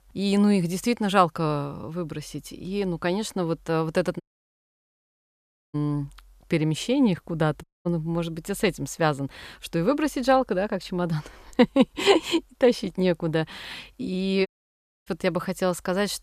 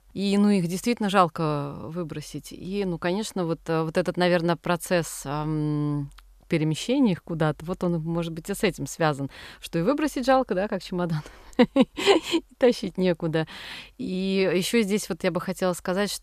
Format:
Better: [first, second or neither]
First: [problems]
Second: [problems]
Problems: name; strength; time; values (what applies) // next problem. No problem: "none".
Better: second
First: audio cutting out; at 4 s for 1.5 s, at 7.5 s and at 14 s for 0.5 s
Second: none